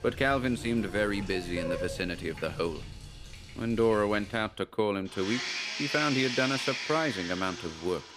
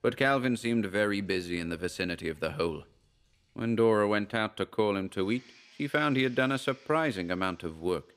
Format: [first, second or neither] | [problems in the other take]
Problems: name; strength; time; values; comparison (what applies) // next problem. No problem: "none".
second | household noises; loud; throughout; 6 dB below the speech; faint in the second